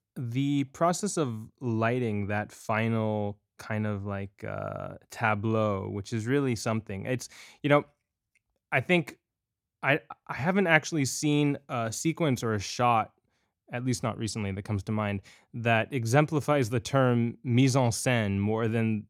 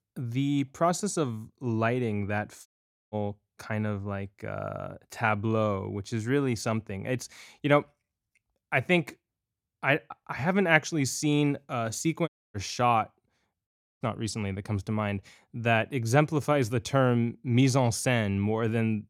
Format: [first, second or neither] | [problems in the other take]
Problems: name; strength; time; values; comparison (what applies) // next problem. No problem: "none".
first | audio cutting out; at 2.5 s, at 12 s and at 14 s